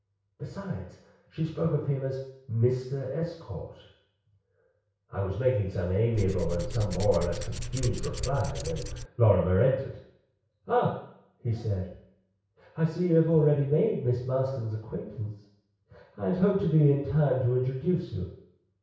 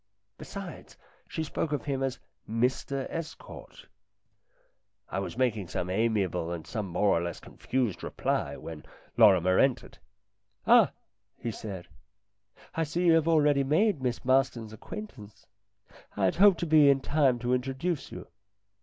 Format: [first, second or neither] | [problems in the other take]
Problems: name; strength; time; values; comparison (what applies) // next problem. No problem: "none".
second | background sound (Tools); 5 dB below the speech // room echo; dies away in 0.6 s